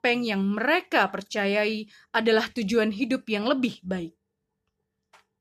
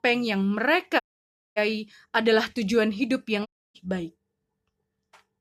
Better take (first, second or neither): first